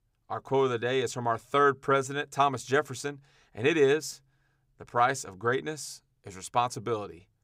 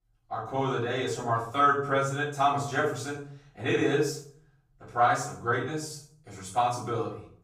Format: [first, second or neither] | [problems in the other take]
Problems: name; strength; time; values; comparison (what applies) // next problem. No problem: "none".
first | off-mic speech; far // room echo; noticeable; dies away in 0.5 s